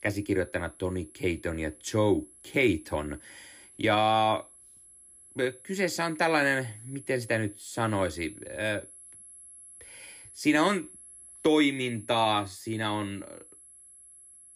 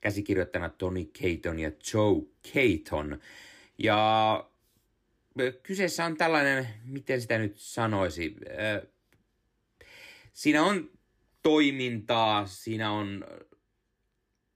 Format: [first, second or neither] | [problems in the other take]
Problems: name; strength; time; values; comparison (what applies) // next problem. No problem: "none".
second | high-pitched whine; noticeable; throughout; 11 kHz, 20 dB below the speech